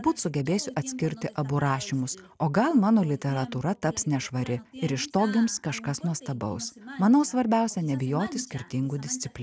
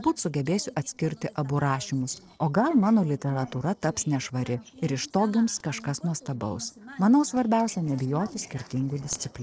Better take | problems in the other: first | noise reduction (neural separator model SepFormer DNS4)

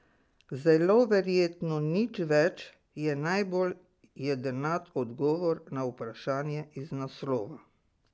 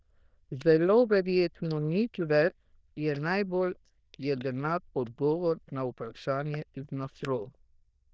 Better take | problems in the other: first | noise reduction (neural diffusion model UNIVERSE++)

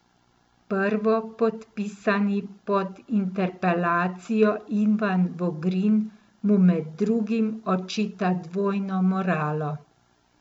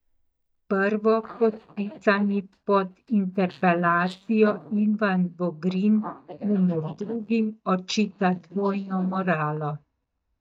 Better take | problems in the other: first | noise reduction (neural mask model DeepFilterNet 3)

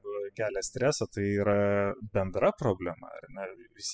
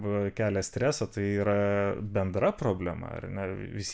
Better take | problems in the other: second | noise reduction (classical method spectral subtraction)

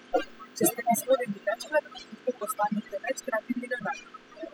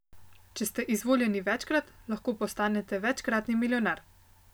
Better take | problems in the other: second | noise reduction (classical method spectral subtraction)

